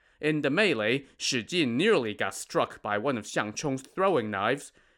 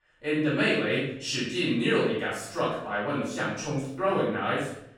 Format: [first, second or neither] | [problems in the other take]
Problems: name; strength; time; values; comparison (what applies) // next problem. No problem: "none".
first | off-mic speech; far // room echo; noticeable; dies away in 0.6 s